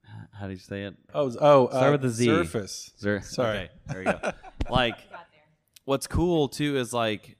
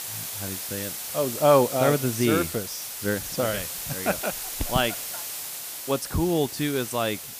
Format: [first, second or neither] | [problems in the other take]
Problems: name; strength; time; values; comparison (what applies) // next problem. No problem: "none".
first | hiss; loud; throughout; 6 dB below the speech